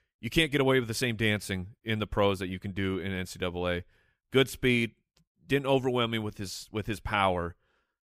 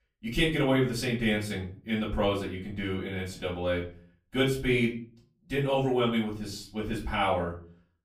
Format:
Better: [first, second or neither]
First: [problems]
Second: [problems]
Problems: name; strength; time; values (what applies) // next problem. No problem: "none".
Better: first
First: none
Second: off-mic speech; far // room echo; slight; dies away in 0.4 s